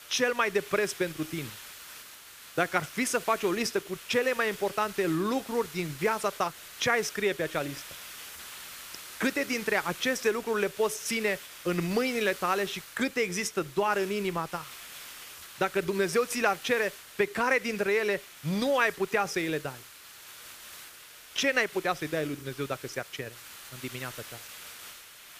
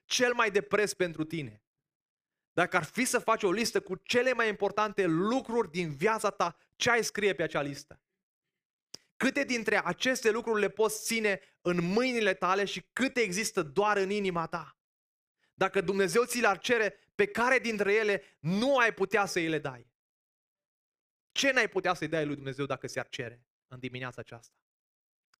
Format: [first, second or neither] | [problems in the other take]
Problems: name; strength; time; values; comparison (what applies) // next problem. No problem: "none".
second | hiss; noticeable; throughout; 15 dB below the speech